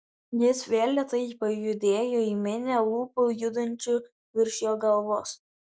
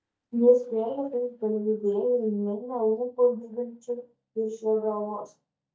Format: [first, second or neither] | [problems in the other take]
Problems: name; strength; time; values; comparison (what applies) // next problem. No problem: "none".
first | noise reduction (neural mask model DeepFilterNet 3)